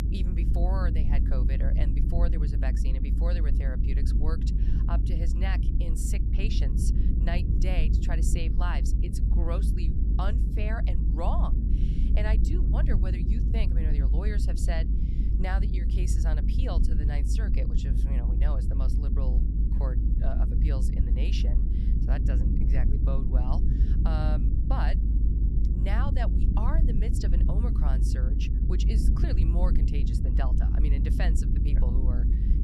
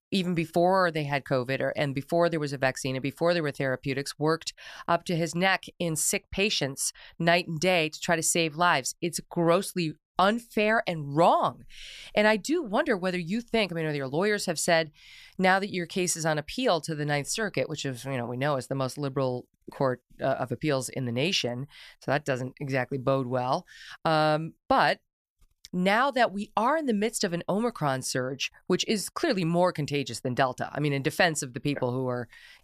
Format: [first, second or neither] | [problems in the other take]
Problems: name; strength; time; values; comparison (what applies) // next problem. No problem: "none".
second | low rumble; loud; throughout; 3 dB below the speech